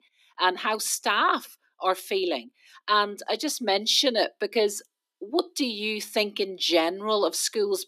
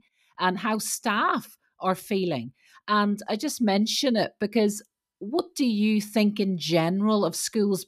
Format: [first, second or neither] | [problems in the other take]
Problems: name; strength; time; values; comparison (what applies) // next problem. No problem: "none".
second | thin; somewhat; fading below 300 Hz